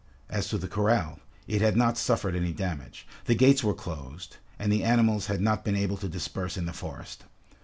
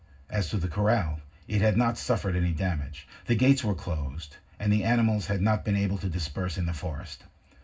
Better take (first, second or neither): first